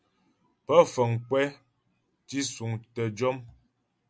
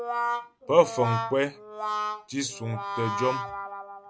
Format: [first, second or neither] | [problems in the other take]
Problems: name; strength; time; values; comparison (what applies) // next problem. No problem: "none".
first | background sound (Brass instrument); 4 dB below the speech